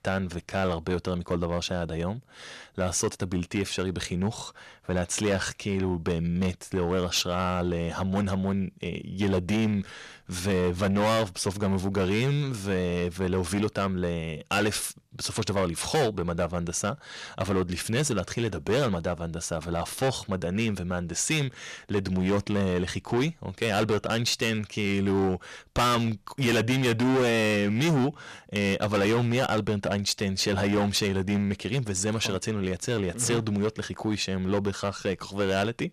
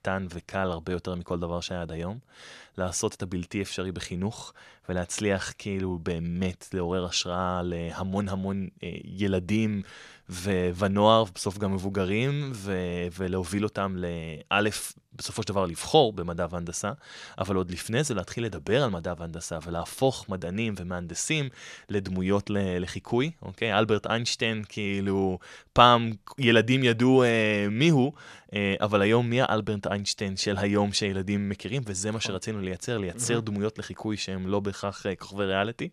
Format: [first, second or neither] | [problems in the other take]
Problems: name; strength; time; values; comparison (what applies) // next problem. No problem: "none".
second | distortion; heavy; 10% of the sound clipped